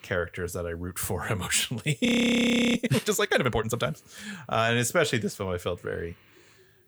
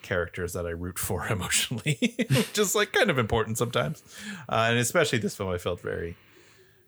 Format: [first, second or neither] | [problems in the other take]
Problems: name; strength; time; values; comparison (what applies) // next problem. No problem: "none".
second | audio freezing; at 2 s for 0.5 s